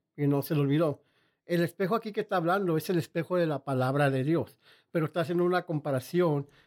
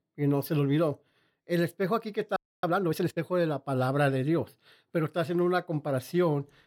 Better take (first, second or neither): first